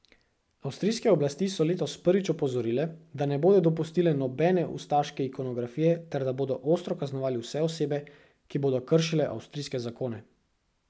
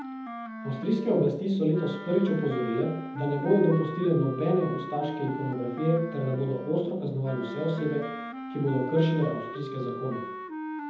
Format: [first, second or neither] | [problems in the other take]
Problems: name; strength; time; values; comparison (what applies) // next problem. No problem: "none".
first | background sound (Wind instrument, woodwind instrument); 10 dB below the speech // room echo; dies away in 1 s